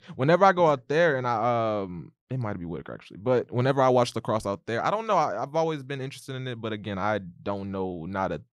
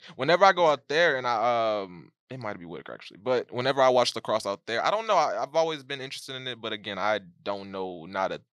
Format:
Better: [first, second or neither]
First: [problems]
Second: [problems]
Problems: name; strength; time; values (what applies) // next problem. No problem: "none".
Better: first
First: none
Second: thin; somewhat; fading below 450 Hz